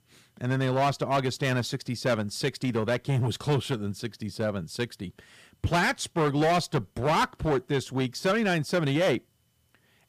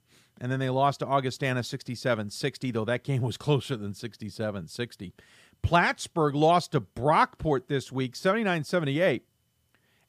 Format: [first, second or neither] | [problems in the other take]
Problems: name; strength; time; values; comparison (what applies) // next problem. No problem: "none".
second | distortion; heavy; 9% of the sound clipped